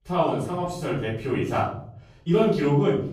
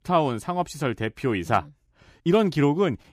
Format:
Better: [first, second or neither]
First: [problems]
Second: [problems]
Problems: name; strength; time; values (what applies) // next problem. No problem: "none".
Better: second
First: off-mic speech; far // room echo; noticeable; dies away in 0.6 s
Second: none